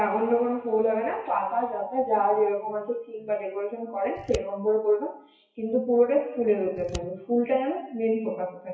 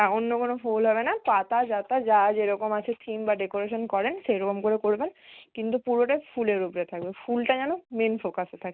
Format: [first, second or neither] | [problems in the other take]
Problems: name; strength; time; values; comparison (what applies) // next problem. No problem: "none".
second | noise reduction (classical method WPE with log-MMSE)